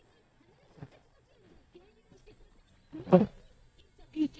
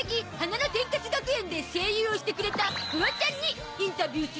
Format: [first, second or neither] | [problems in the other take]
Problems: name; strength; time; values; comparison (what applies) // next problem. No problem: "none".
second | noise reduction (neural mask model DeepFilterNet 3)